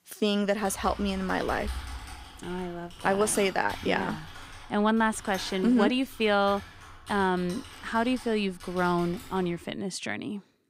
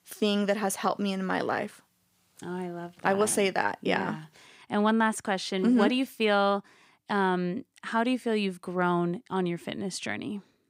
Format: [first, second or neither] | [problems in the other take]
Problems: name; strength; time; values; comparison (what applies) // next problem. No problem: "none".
second | keyboard typing; noticeable; from 0.5 to 9.5 s; peak 9 dB below the speech